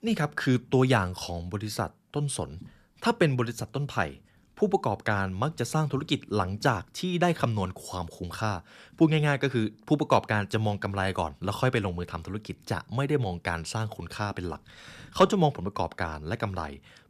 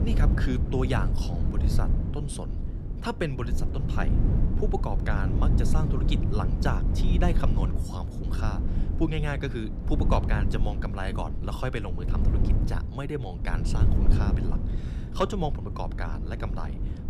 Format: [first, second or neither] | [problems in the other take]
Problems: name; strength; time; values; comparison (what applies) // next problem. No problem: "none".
first | wind noise on the microphone; heavy; 6 dB below the speech